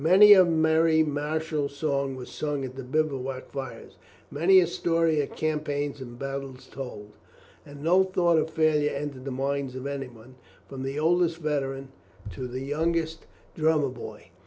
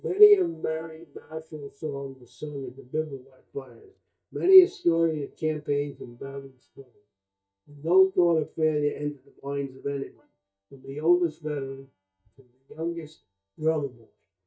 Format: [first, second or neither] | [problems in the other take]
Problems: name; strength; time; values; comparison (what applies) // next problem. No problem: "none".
first | noise reduction (neural mask model DeepFilterNet 3)